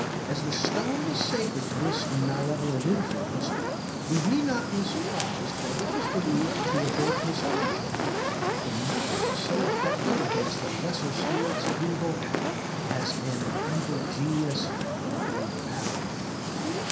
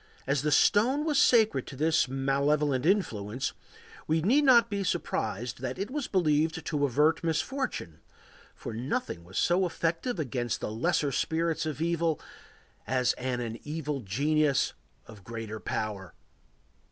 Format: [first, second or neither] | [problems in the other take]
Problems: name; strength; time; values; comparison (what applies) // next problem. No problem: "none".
second | background sound (Fire); 2 dB above the speech // room echo; dies away in 0.5 s